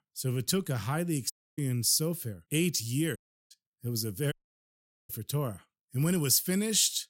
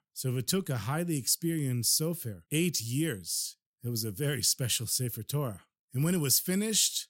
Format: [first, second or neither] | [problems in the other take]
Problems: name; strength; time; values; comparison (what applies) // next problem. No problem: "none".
second | audio cutting out; at 1.5 s, at 3 s and at 4.5 s for 1 s